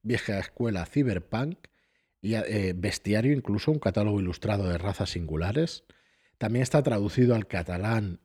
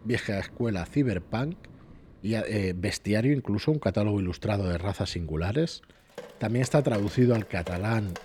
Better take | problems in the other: first | rain or running water; noticeable; throughout; 20 dB below the speech

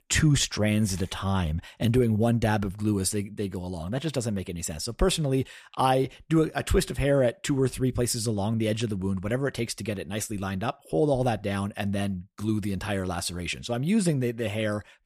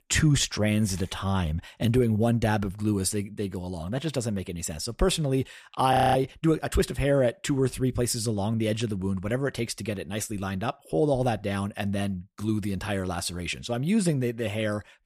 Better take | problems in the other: first | audio freezing; at 6 s

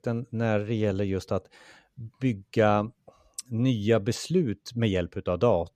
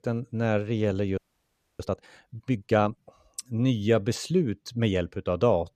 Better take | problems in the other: first | audio freezing; at 1 s for 0.5 s

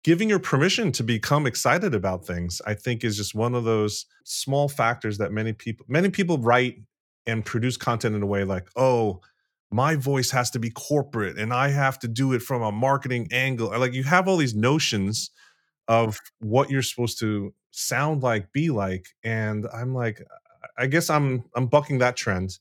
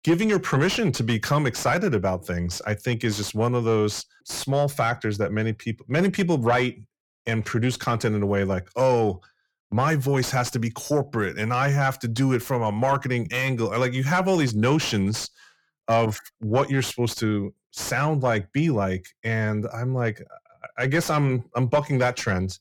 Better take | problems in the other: first | distortion; slight; 10 dB below the speech

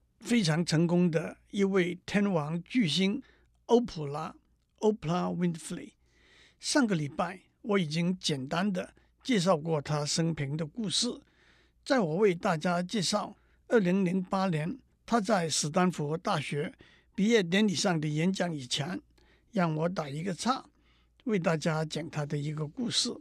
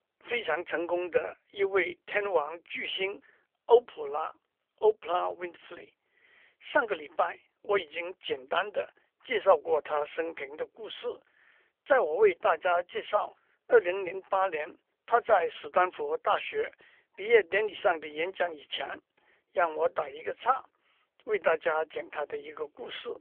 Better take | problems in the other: first | phone-call audio; poor line; nothing above 3.5 kHz

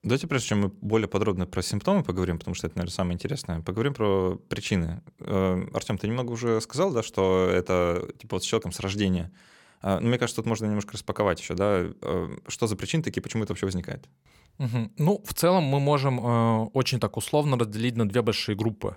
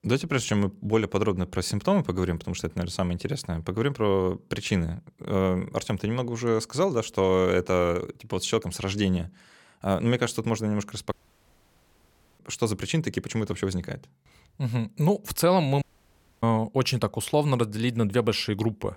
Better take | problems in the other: first | audio cutting out; at 11 s for 1.5 s and at 16 s for 0.5 s

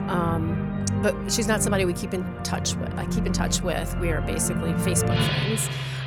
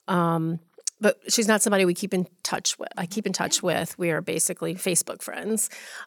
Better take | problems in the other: second | background music; very loud; throughout; as loud as the speech

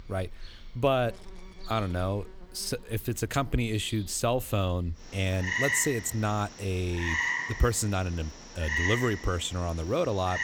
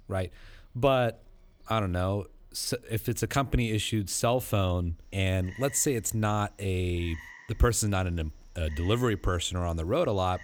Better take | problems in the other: second | animal sounds; loud; throughout; 2 dB below the speech; faint in the second

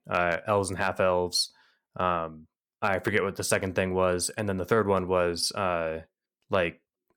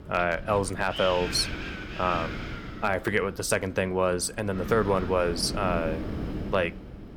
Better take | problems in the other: first | wind noise on the microphone; occasional gusts; 10 dB below the speech

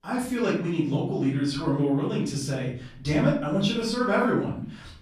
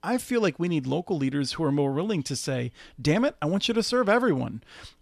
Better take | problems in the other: second | off-mic speech; far // room echo; noticeable; dies away in 0.5 s

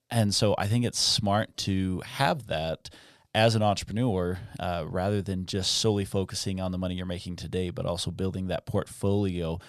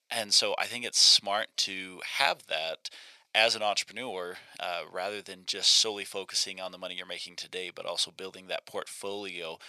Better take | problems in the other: first | thin; very; fading below 600 Hz

